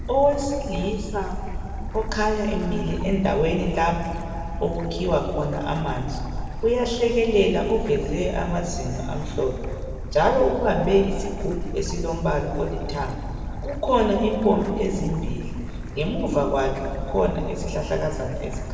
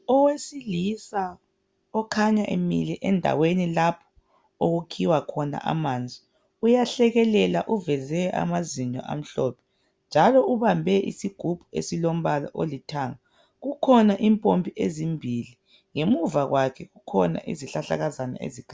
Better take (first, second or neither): second